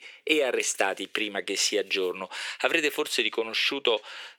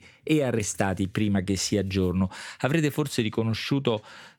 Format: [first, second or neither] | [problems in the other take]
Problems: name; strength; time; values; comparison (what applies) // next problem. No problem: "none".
second | thin; very; fading below 400 Hz